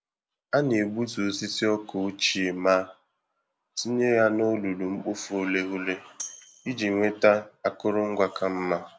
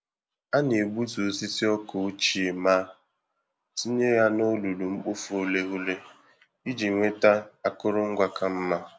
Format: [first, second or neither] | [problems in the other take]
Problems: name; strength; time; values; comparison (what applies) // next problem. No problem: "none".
second | background sound (Tambourine); 16 dB below the speech